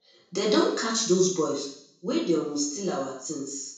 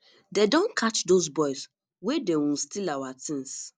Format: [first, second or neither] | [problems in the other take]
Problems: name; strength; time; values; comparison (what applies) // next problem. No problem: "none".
second | room echo; dies away in 0.6 s